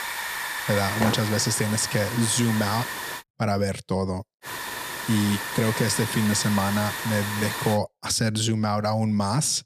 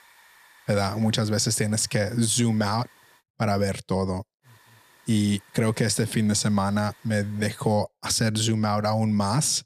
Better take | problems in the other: second | hiss; loud; until 3 s and from 4.5 to 8 s; 5 dB below the speech; faint in the second

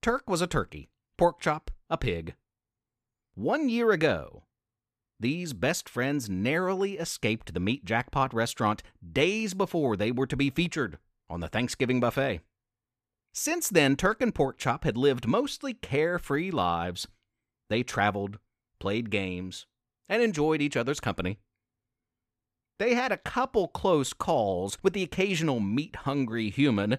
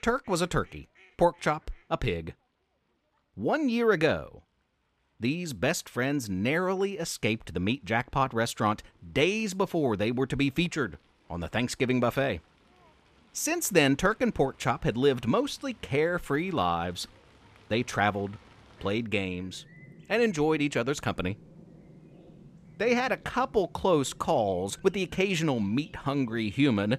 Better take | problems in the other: first | animal sounds; faint; throughout; 25 dB below the speech

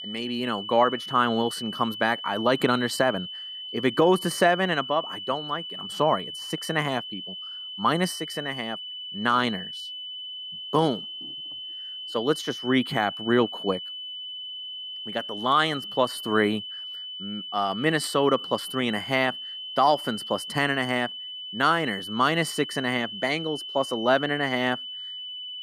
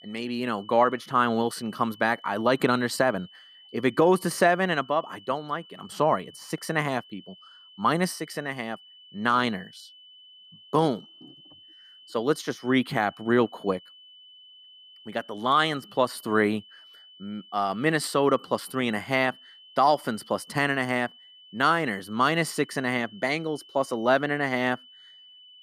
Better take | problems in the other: second | high-pitched whine; loud; throughout; 3 kHz, 8 dB below the speech; faint in the second

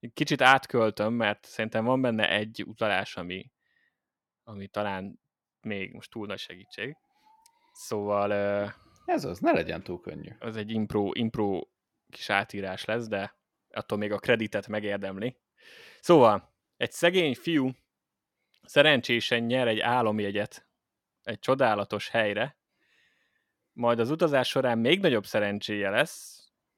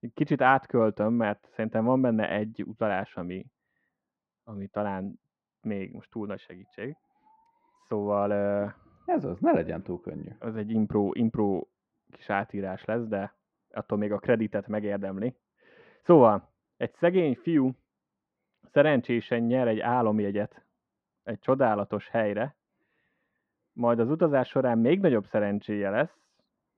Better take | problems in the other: first | muffled; very; fading above 1.5 kHz

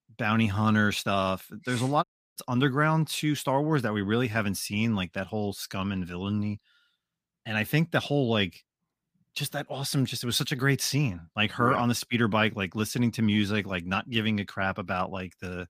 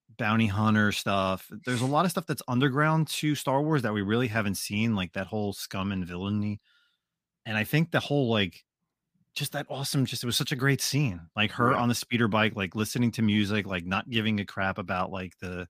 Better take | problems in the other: second | audio cutting out; at 2 s

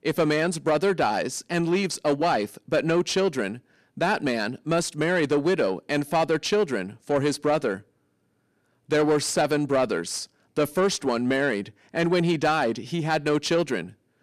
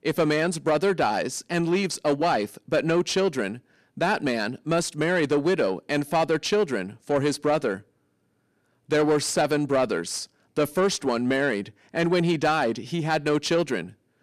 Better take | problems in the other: neither | distortion; slight; 10 dB below the speech; the same in both

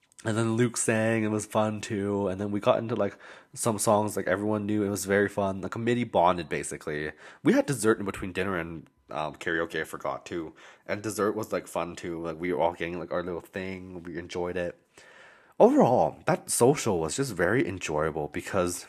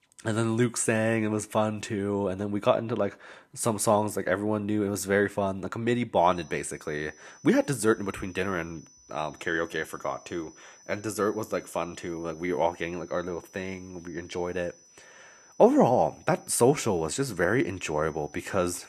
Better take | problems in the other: first | high-pitched whine; faint; from 6 s on; 6 kHz, 25 dB below the speech

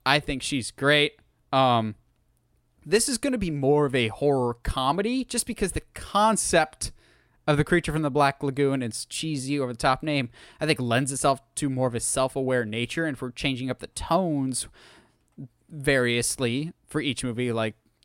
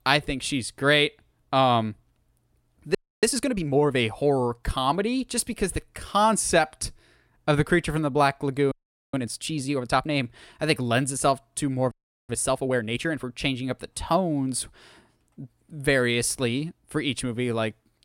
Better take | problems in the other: first | audio freezing; at 3 s, at 8.5 s and at 12 s

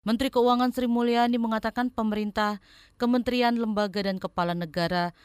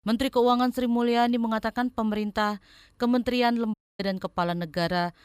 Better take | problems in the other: first | audio cutting out; at 3.5 s

